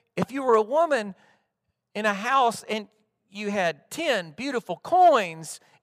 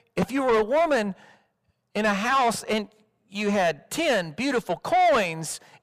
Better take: first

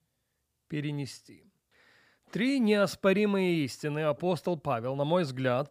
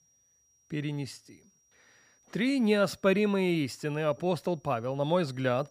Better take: first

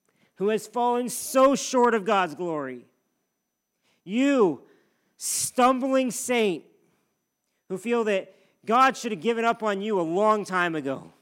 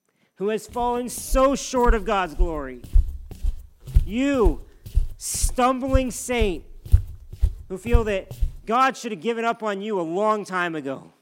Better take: first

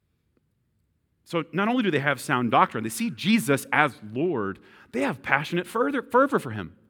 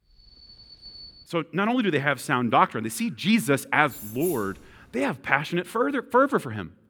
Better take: first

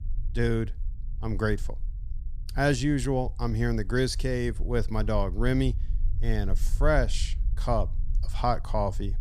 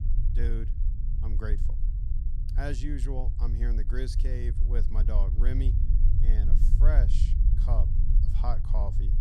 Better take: first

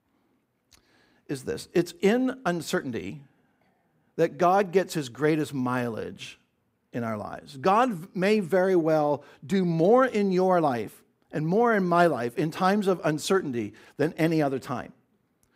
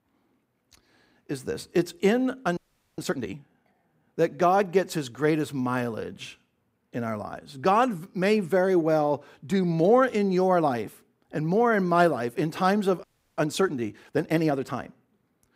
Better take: first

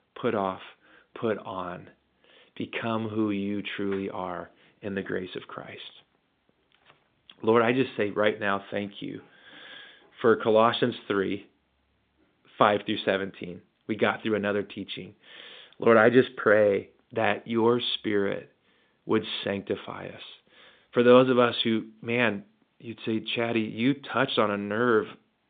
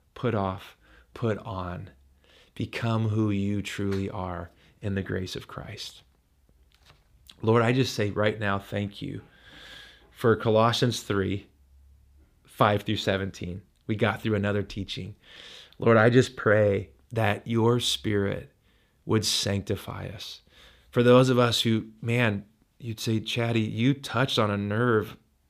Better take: second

